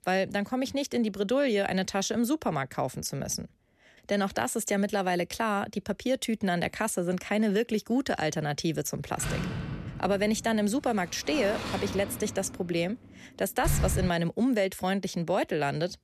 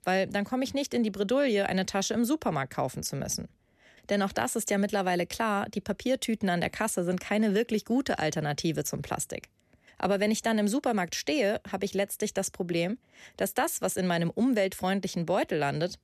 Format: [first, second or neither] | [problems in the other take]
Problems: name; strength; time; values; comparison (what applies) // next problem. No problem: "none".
second | door banging; noticeable; from 9 to 14 s; peak level with the speech